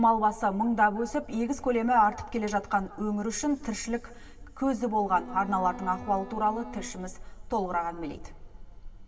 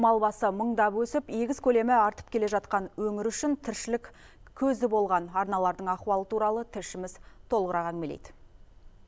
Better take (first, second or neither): second